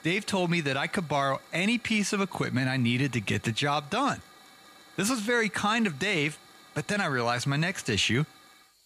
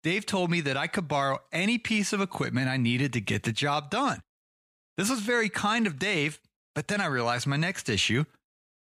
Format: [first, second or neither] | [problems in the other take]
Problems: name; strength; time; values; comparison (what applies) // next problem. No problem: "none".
second | hiss; faint; throughout; 25 dB below the speech